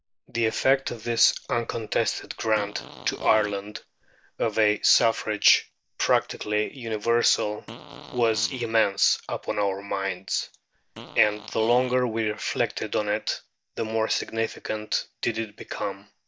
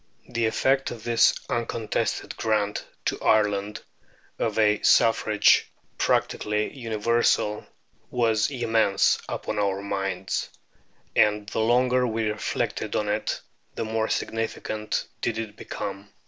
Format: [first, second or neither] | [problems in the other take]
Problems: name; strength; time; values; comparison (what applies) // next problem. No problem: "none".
second | noise reduction (neural mask model DeepFilterNet 3)